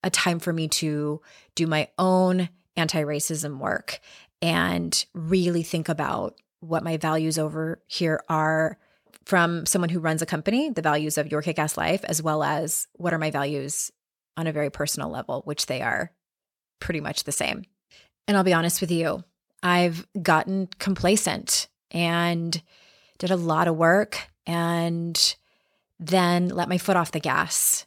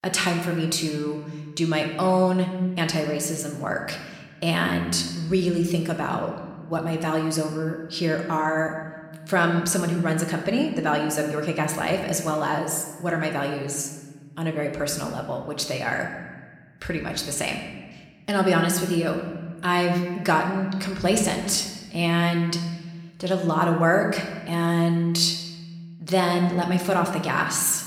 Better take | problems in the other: first | room echo; slight; dies away in 1.2 s

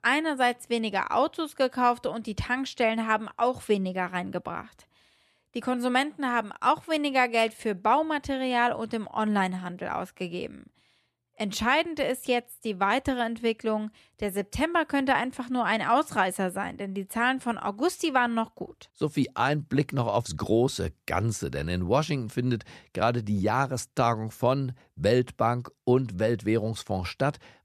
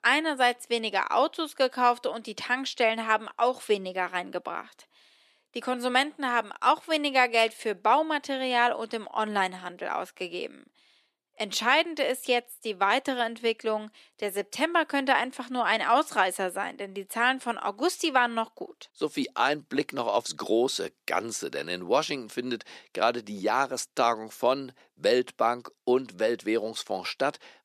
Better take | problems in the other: first | thin; somewhat; fading below 300 Hz

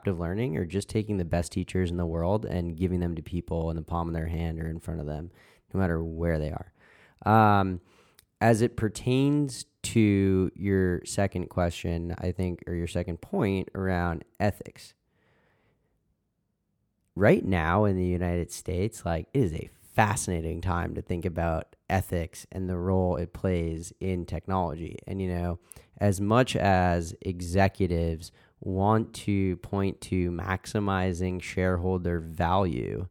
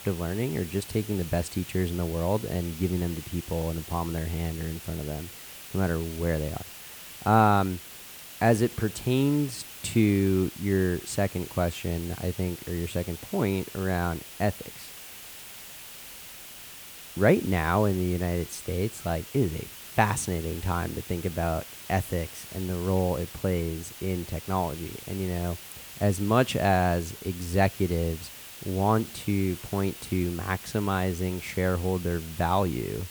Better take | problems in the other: first | hiss; noticeable; throughout; 15 dB below the speech

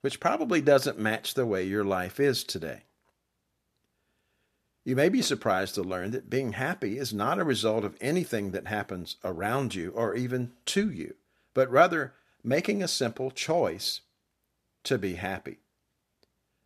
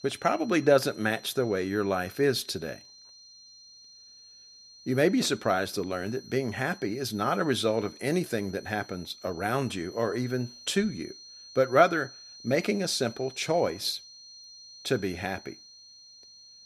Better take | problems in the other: first | high-pitched whine; noticeable; throughout; 4 kHz, 20 dB below the speech

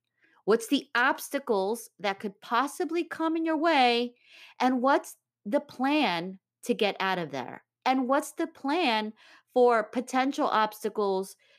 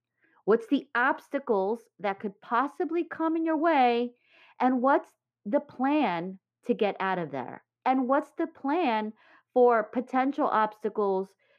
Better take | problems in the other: first | muffled; very; fading above 3.5 kHz

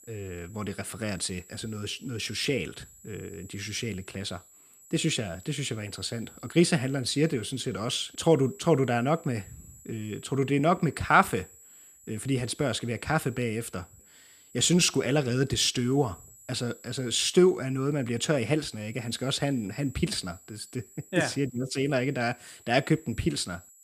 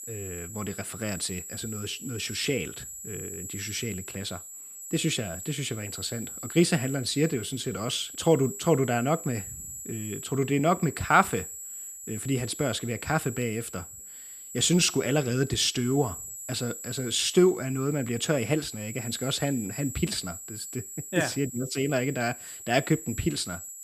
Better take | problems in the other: first | high-pitched whine; loud; throughout; 8 kHz, 10 dB below the speech; faint in the first

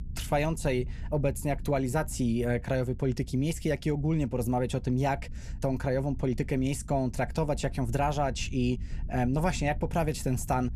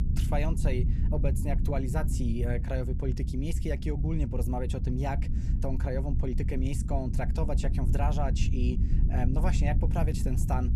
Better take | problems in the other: first | low rumble; loud; throughout; 8 dB below the speech; faint in the first

